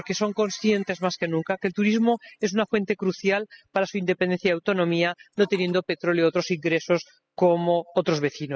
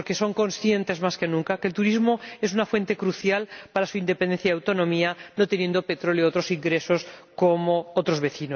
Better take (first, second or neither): second